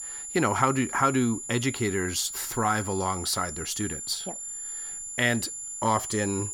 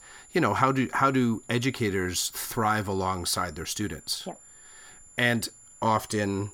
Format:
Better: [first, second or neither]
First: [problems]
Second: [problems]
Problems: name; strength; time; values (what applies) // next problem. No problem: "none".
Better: second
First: high-pitched whine; loud; throughout; 7 kHz, 7 dB below the speech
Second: high-pitched whine; faint; throughout; 7 kHz, 25 dB below the speech